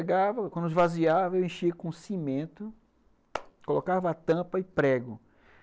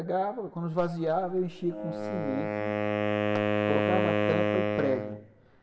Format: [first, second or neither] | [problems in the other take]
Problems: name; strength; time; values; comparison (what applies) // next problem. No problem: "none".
first | background sound (Wind instrument, woodwind instrument); 2 dB above the speech // room echo; dies away in 2.7 s